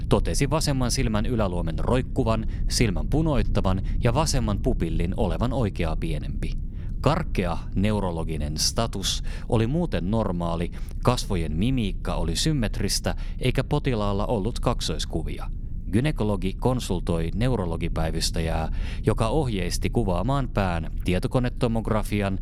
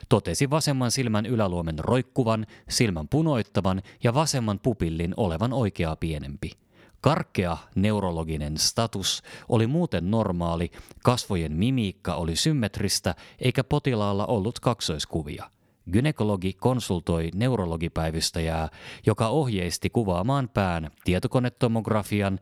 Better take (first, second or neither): second